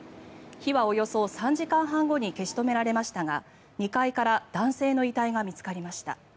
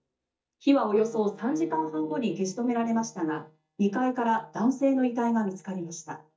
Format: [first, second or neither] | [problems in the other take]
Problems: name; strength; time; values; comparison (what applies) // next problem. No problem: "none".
first | noise reduction (neural mask model DeepFilterNet 3)